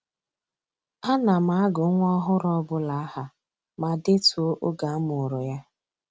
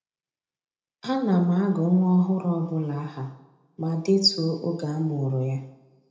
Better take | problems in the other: first | room echo; dies away in 0.6 s

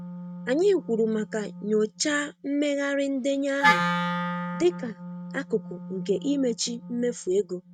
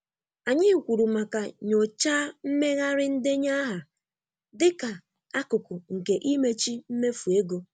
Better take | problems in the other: second | noise reduction (neural mask model RNNoise)

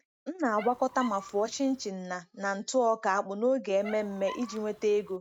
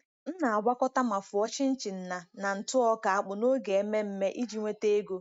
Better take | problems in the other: second | background sound (Squeak); 17 dB below the speech

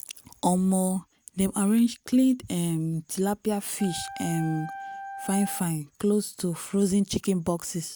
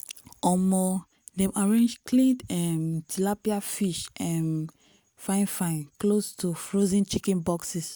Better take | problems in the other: second | background sound (Wind instrument, woodwind instrument); 14 dB below the speech

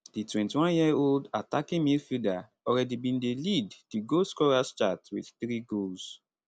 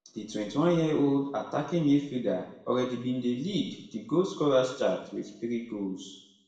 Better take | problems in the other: first | room echo; dies away in 0.8 s

